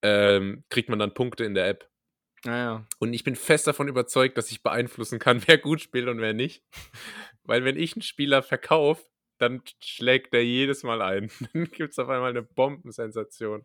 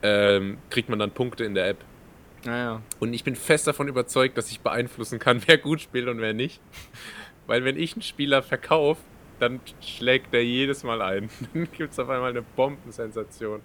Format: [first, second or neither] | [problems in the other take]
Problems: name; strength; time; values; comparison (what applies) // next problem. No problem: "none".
first | hiss; faint; throughout; 25 dB below the speech